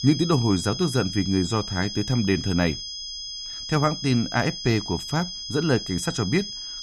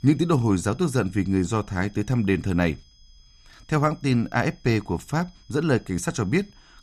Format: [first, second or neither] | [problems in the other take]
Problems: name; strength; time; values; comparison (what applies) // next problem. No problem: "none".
second | high-pitched whine; loud; throughout; 5 kHz, 7 dB below the speech; faint in the second